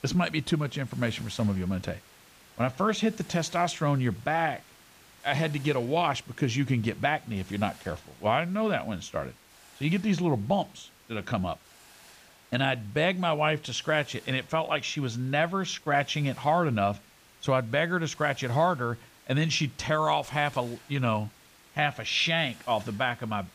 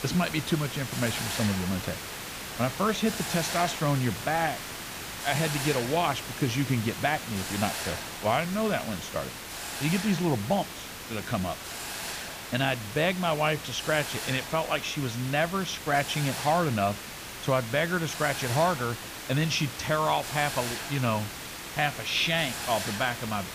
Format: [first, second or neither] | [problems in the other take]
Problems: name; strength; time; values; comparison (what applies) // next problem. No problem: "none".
first | hiss; loud; throughout; 6 dB below the speech; faint in the first